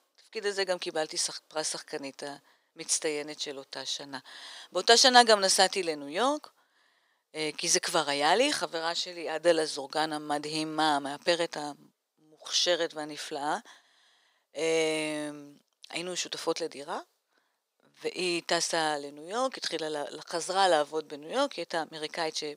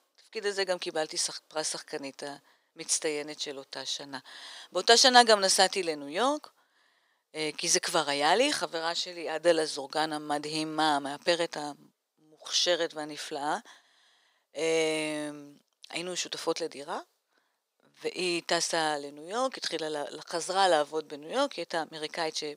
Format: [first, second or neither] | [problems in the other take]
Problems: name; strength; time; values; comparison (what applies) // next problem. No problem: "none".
neither | thin; very; fading below 500 Hz; the same in both